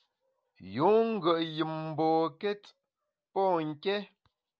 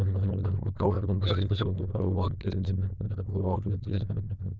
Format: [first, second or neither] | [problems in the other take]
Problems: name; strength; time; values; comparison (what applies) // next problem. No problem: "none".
first | noise reduction (neural diffusion model UNIVERSE++)